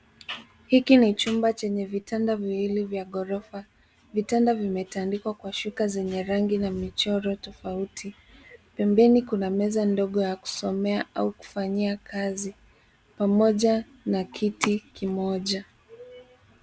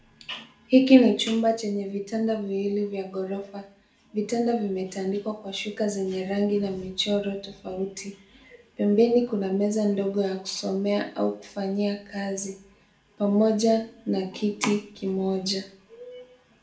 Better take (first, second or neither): first